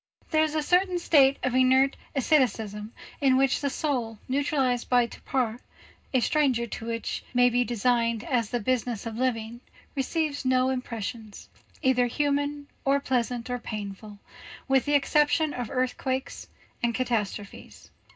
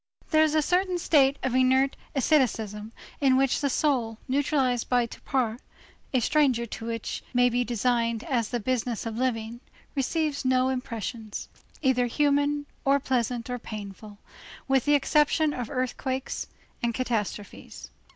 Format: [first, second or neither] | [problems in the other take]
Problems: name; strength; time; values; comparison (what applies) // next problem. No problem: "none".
second | room echo; dies away in 0.2 s